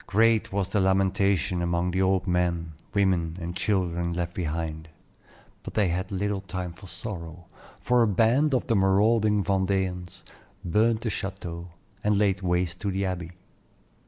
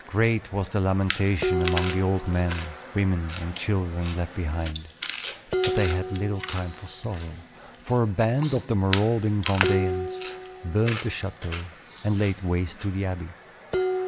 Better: first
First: none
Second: background sound (Dishes, pots, and pans + Chewing, mastication); 6 dB below the speech

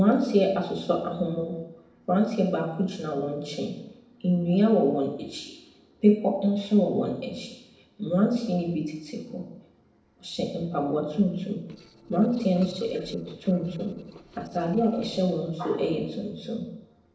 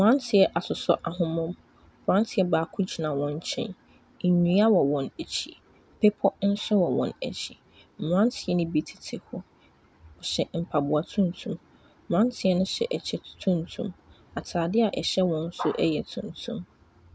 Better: second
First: noise reduction (neural separator model SepFormer DNS4)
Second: none

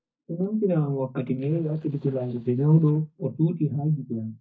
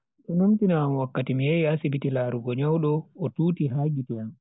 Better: second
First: noise reduction (neural mask model DeepFilterNet 3)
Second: none

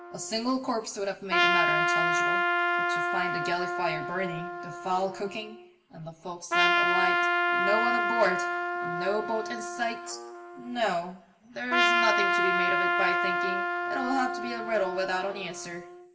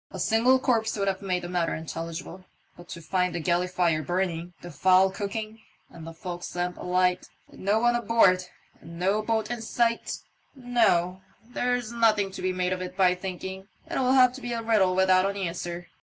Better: second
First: background sound (Trumpet); 4 dB above the speech // room echo; dies away in 0.7 s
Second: none

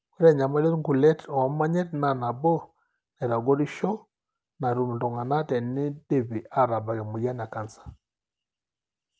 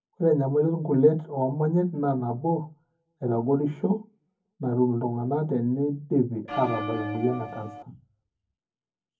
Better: first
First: none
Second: background sound (Bell); 7 dB below the speech // room echo; dies away in 0.3 s

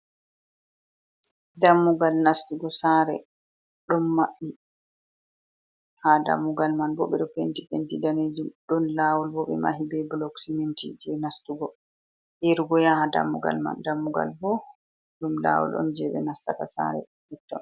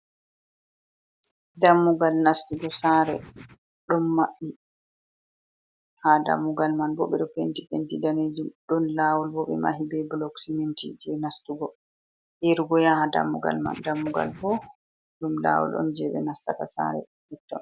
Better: first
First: none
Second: background sound (Writing); 17 dB below the speech

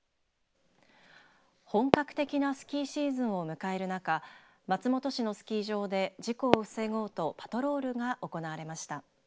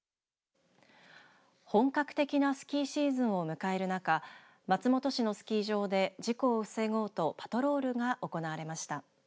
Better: second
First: background sound (Fireworks); 6 dB below the speech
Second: none

